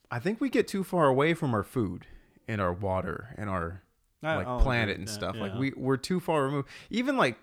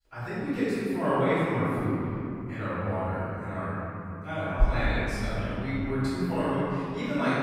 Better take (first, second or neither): first